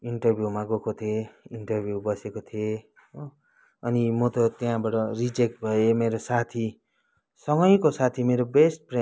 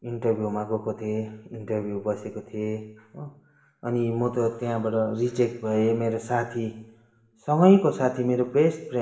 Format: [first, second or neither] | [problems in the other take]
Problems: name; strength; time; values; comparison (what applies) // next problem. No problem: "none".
first | room echo; dies away in 1.1 s